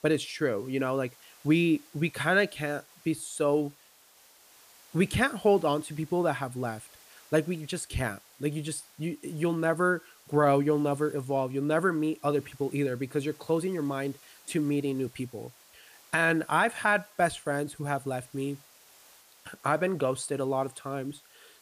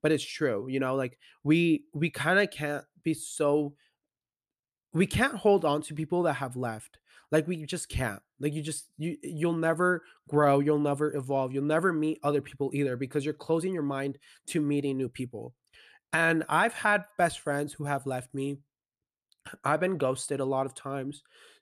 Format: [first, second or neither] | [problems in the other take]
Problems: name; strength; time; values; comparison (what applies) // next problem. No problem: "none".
second | hiss; faint; throughout; 25 dB below the speech